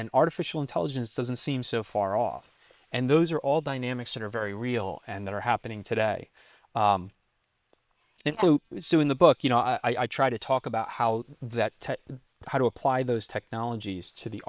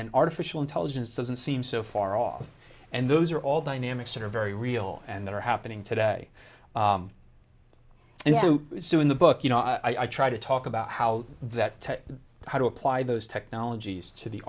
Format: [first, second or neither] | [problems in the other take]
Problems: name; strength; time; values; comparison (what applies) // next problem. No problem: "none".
second | noise reduction (neural separator model SepFormer WHAM!)